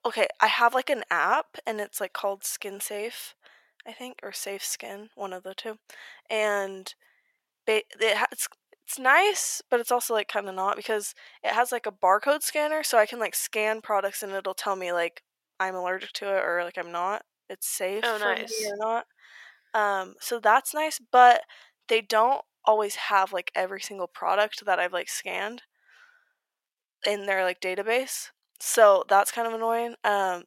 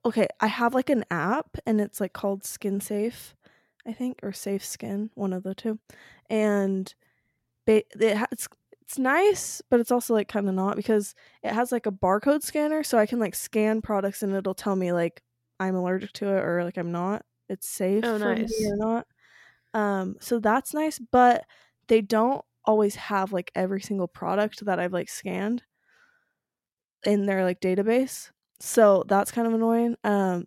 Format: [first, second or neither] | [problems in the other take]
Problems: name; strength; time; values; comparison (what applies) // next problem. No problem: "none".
second | thin; very; fading below 800 Hz